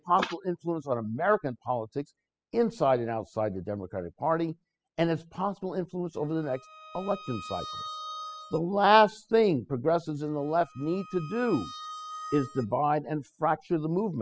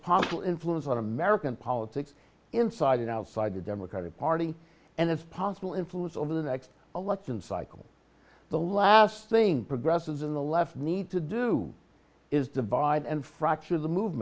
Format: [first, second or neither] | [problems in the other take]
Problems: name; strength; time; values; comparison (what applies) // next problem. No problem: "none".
second | noise reduction (classical method spectral subtraction)